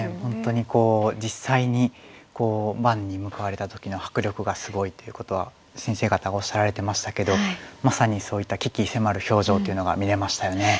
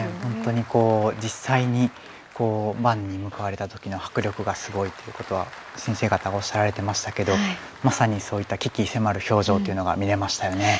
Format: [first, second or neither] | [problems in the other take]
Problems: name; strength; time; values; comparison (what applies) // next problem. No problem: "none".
first | background sound (Applause); 19 dB below the speech